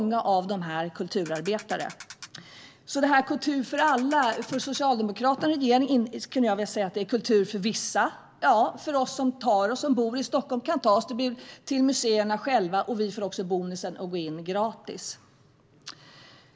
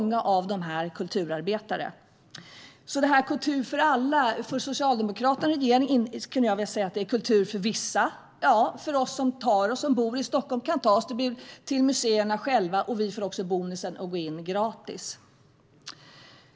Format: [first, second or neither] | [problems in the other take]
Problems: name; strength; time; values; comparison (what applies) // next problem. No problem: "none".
second | background sound (Ratchet, pawl); 18 dB below the speech